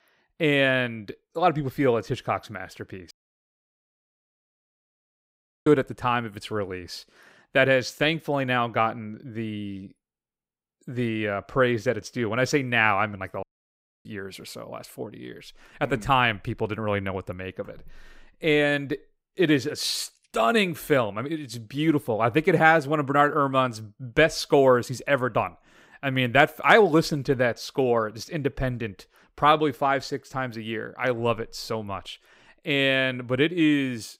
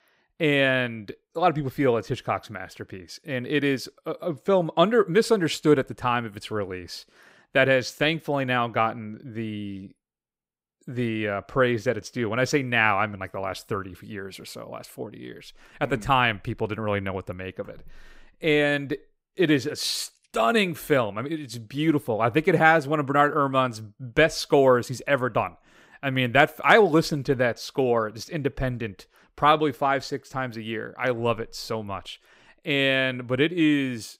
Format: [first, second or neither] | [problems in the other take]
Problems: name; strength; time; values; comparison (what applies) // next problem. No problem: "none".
second | audio cutting out; at 3 s for 2.5 s and at 13 s for 0.5 s